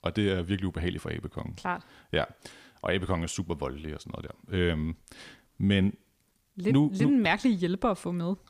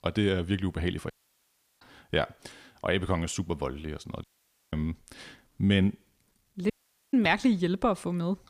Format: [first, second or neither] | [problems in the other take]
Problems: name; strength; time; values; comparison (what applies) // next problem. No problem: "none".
first | audio cutting out; at 1 s for 0.5 s, at 4 s and at 6.5 s